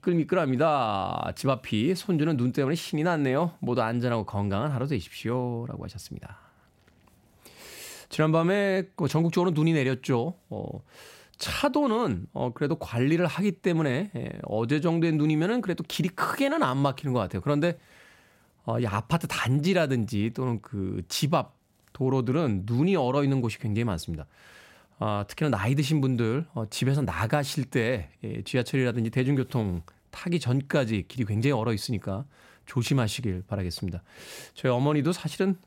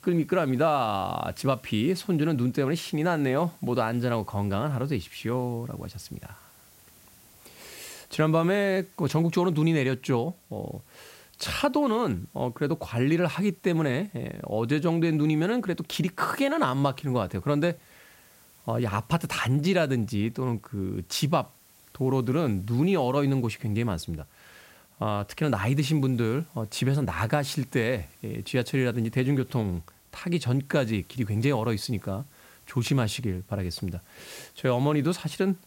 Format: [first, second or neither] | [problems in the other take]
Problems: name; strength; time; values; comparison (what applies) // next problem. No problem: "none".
first | hiss; faint; throughout; 30 dB below the speech